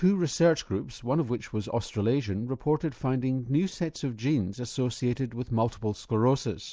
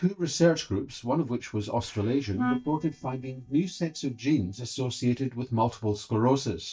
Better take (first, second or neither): first